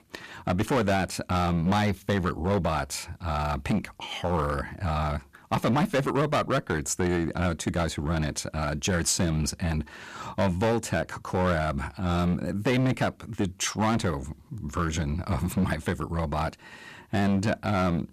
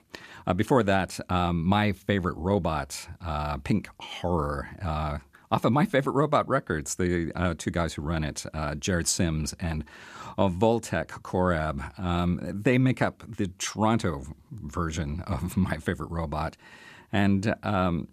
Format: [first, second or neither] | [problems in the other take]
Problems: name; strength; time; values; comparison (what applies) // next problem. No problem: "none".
second | distortion; heavy; 9% of the sound clipped